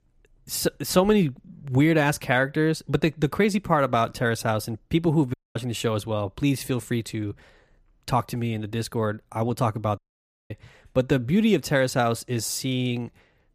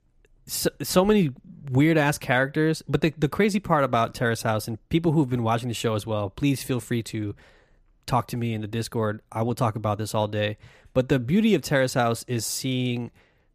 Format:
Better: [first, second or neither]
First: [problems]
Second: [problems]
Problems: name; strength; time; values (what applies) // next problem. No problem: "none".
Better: second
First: audio cutting out; at 5.5 s and at 10 s for 0.5 s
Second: none